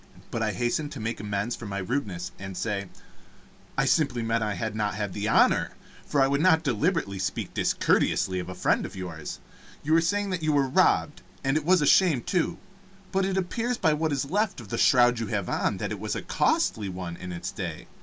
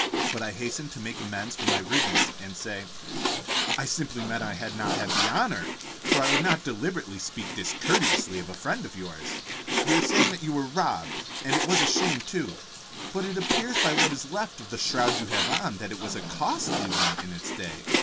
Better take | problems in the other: first | background sound (Frying (food)); 2 dB above the speech

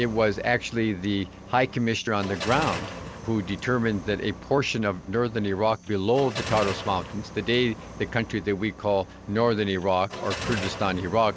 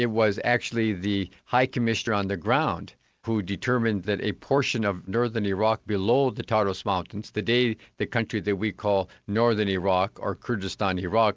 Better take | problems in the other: second | background sound (Car); 12 dB below the speech

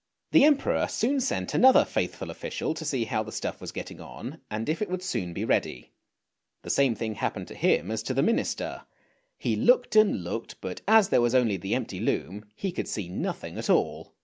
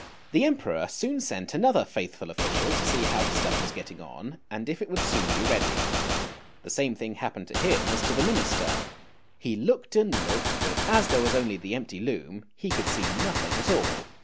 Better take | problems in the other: first | background sound (Gunshot, gunfire); 1 dB below the speech

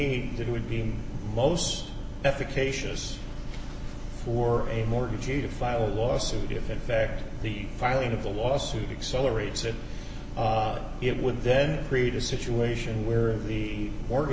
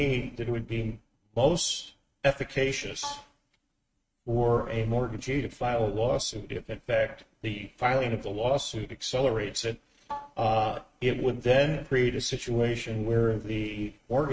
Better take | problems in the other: first | noise reduction (neural mask model RNNoise)

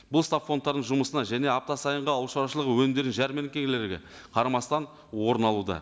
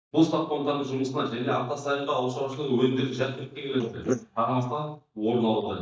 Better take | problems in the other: first | noise reduction (neural mask model DeepFilterNet 3)

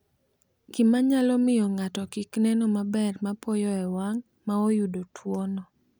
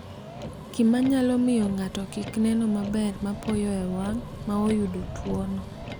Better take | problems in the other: first | background sound (Motor vehicle (road)); 11 dB below the speech

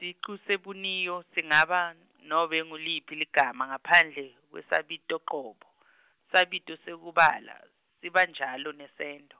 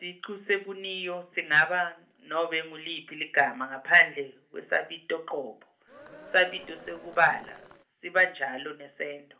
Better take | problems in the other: first | background sound (Cheering); 19 dB below the speech // room echo; dies away in 0.3 s

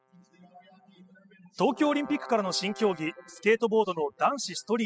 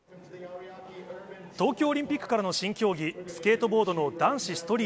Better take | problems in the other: second | noise reduction (classical method spectral subtraction)

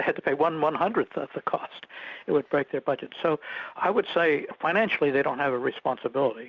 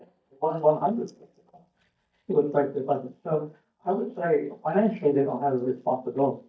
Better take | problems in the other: first | noise reduction (neural mask model DeepFilterNet 3)

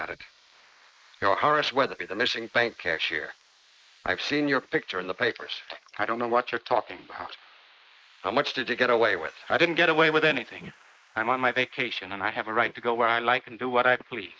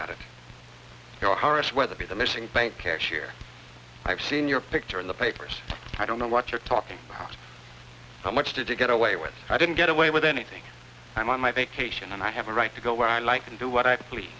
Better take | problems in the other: second | noise reduction (neural mask model Resemble Enhance denoiser)

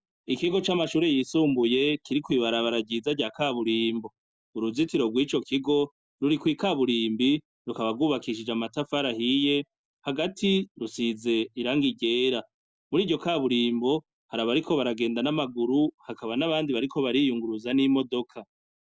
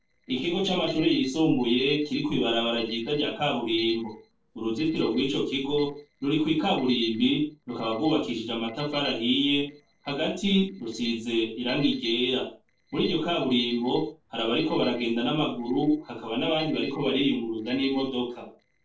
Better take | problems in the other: first | noise reduction (neural separator model SepFormer DNS4)

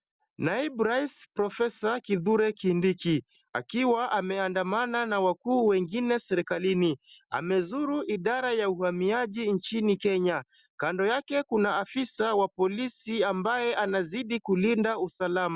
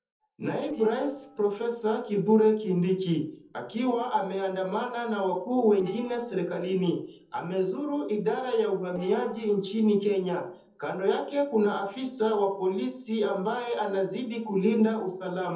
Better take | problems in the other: first | noise reduction (neural separator model SepFormer DNS4)

